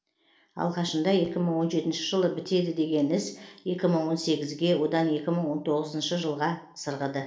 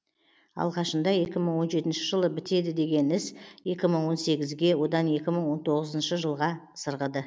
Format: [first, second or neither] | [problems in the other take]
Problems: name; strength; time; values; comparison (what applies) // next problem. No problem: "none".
second | room echo; dies away in 0.4 s